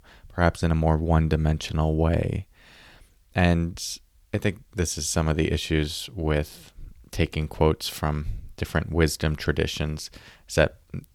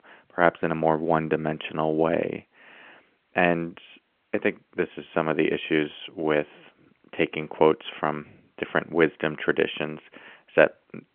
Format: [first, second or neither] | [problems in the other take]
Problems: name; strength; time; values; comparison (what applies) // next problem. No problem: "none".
first | phone-call audio